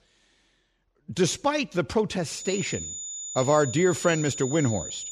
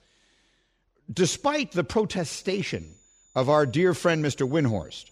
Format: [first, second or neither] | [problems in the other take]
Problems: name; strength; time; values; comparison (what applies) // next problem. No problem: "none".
second | high-pitched whine; loud; from 2.5 s on; 7 kHz, 8 dB below the speech; faint in the second